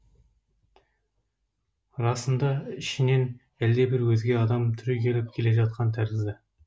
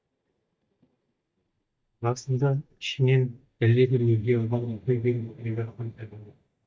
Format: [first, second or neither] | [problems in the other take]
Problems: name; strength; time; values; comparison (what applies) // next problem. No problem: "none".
first | noise reduction (neural mask model DeepFilterNet 3)